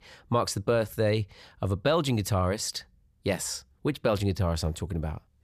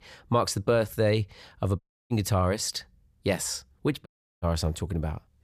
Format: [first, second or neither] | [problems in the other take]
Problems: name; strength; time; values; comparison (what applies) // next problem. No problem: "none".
first | audio cutting out; at 2 s and at 4 s